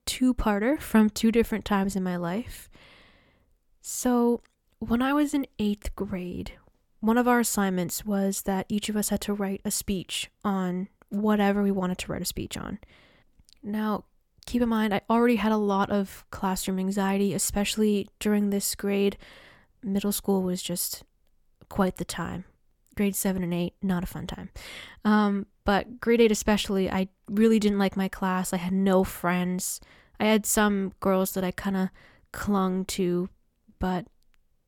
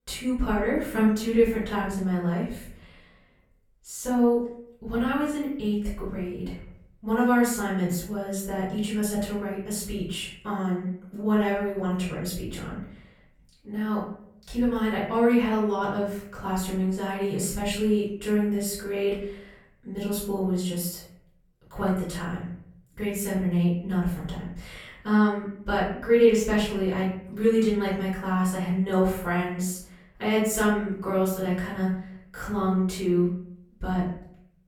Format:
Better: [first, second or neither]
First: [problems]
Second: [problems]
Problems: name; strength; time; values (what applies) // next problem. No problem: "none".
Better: first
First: none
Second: off-mic speech; far // room echo; noticeable; dies away in 0.6 s